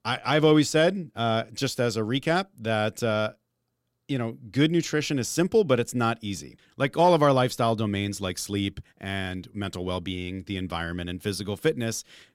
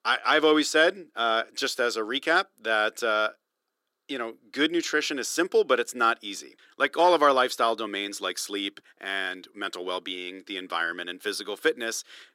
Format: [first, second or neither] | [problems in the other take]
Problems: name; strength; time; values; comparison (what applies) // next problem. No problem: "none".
first | thin; somewhat; fading below 350 Hz